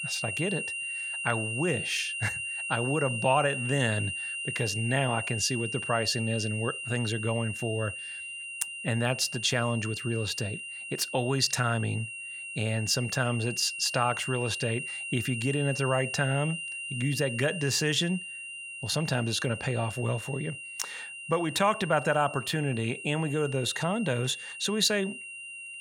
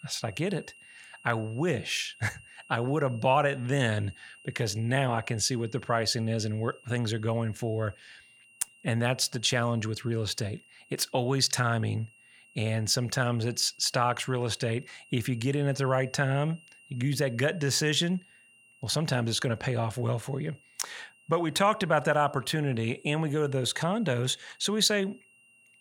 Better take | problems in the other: second | high-pitched whine; loud; throughout; 3 kHz, 6 dB below the speech; faint in the second

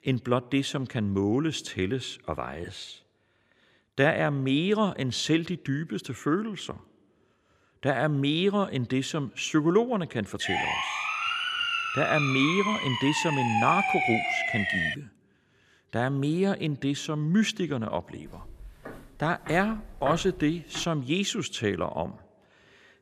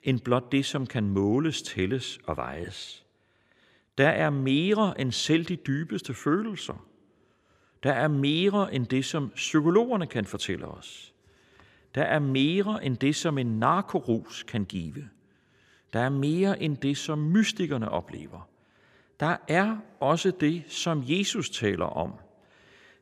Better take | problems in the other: second | siren; loud; from 10 to 15 s; peak 3 dB above the speech // footsteps; noticeable; from 18 to 21 s; peak 9 dB below the speech

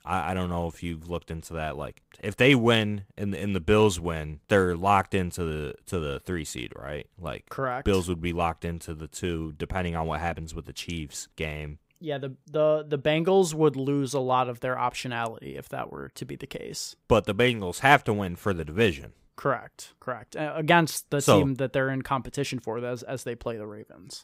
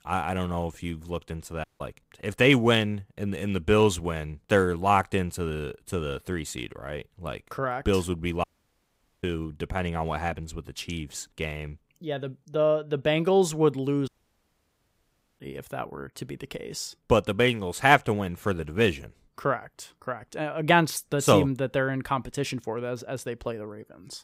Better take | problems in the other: first | audio cutting out; at 1.5 s, at 8.5 s for 1 s and at 14 s for 1.5 s

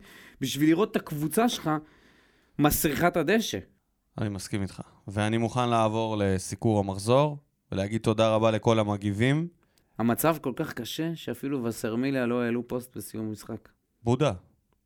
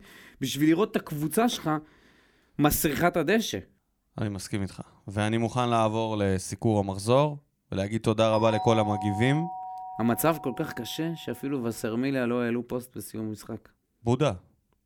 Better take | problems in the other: first | doorbell; noticeable; from 8.5 to 11 s; peak 5 dB below the speech

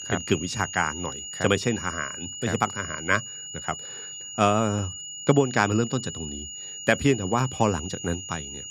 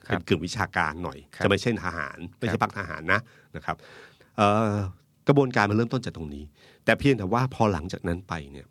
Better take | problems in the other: second | high-pitched whine; loud; throughout; 7 kHz, 9 dB below the speech

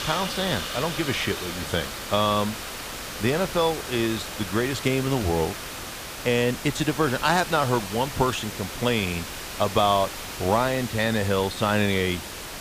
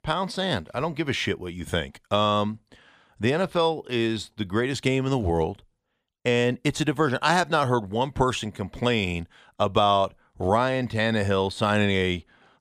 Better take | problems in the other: second | hiss; loud; throughout; 8 dB below the speech

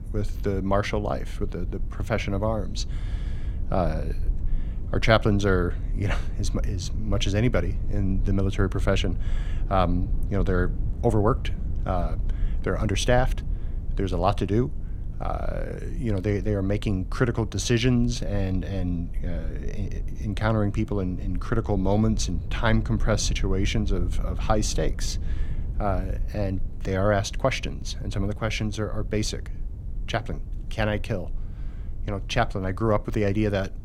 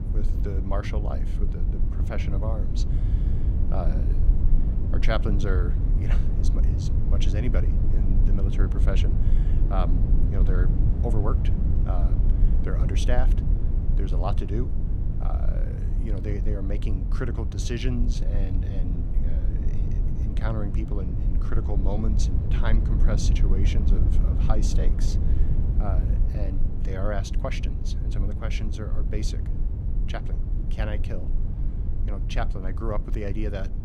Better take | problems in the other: first | low rumble; loud; throughout; 5 dB below the speech; faint in the first

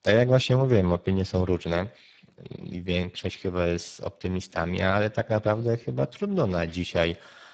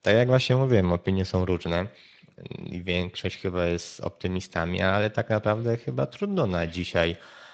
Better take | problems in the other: second | garbled, watery; badly; nothing above 7.5 kHz; slightly in the second

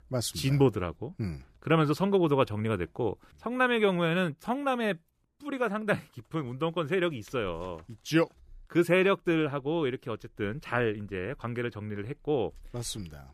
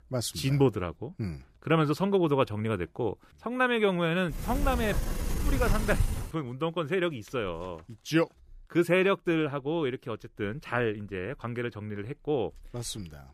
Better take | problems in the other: first | door banging; noticeable; from 4.5 to 6.5 s; peak 1 dB below the speech

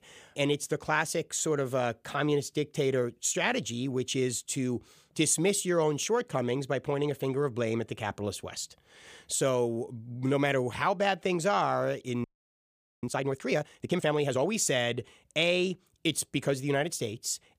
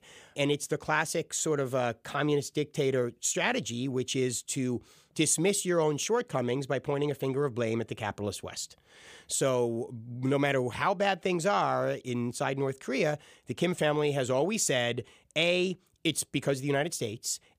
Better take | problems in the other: second | audio freezing; at 12 s for 1 s

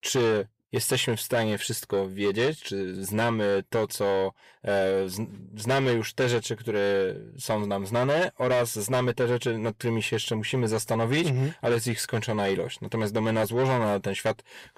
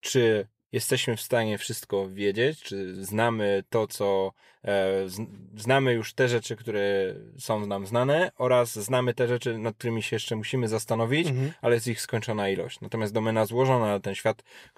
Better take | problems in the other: second | distortion; slight; 10 dB below the speech

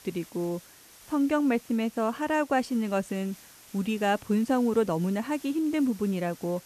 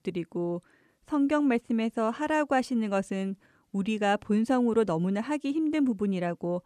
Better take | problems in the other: second | hiss; faint; throughout; 20 dB below the speech

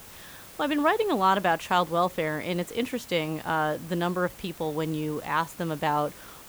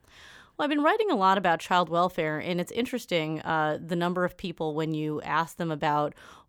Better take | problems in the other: second | hiss; noticeable; throughout; 20 dB below the speech

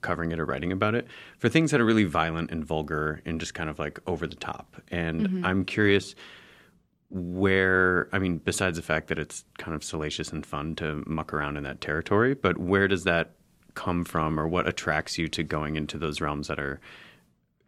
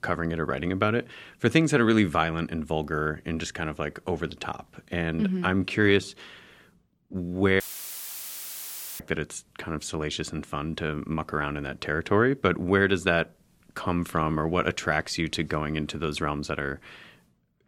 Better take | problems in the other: first | audio cutting out; filled with static; at 7.5 s for 1.5 s

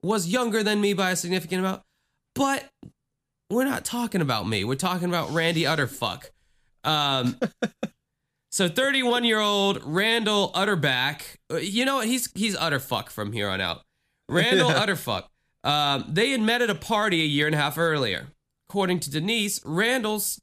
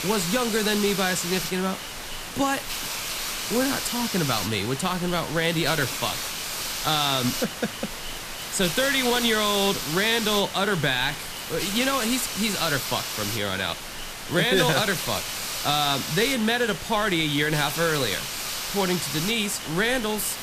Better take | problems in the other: first | hiss; loud; throughout; 5 dB below the speech

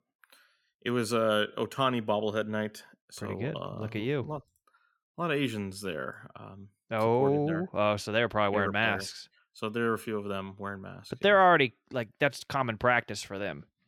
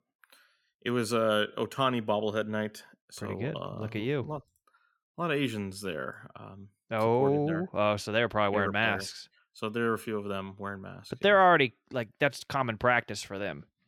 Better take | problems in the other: neither | none

